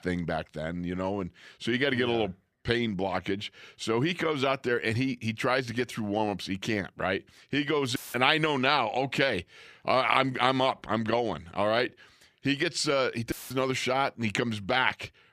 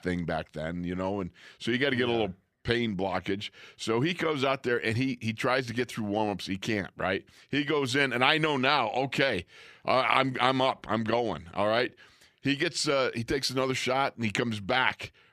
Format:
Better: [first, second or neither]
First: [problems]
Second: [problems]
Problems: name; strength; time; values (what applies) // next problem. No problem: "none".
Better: second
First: audio cutting out; filled with static; at 8 s and at 13 s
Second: none